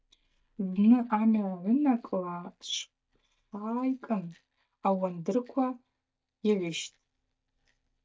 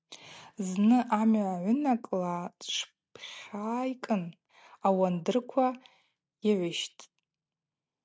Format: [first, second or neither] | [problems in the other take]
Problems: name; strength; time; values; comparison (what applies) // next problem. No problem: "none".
second | noise reduction (neural mask model DeepFilterNet 3)